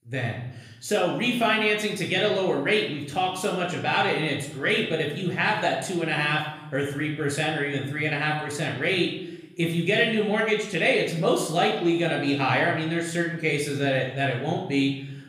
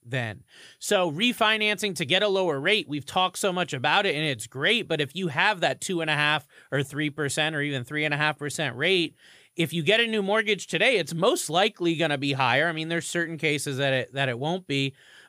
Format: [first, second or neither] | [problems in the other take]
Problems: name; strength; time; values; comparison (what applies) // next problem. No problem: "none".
second | off-mic speech; somewhat distant // room echo; noticeable; dies away in 0.9 s